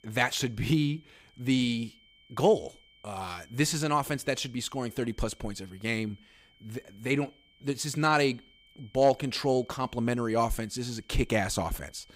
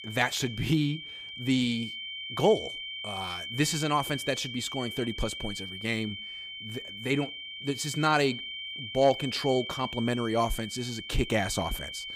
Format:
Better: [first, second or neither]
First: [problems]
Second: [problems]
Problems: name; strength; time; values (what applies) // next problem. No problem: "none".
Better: first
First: high-pitched whine; faint; throughout; 3 kHz, 30 dB below the speech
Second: high-pitched whine; loud; throughout; 3 kHz, 8 dB below the speech